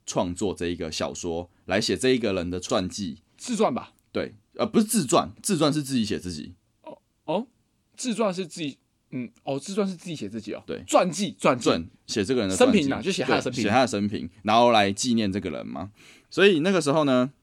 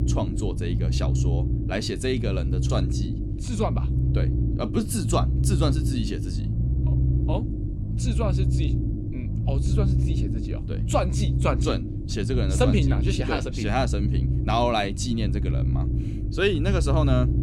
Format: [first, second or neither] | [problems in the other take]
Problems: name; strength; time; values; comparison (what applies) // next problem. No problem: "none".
first | low rumble; loud; throughout; 8 dB below the speech